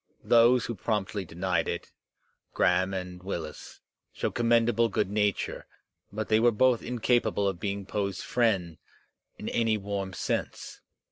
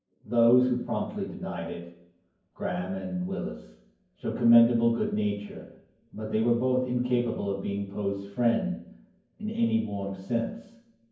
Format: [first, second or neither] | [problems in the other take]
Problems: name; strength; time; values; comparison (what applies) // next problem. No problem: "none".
first | room echo; dies away in 0.9 s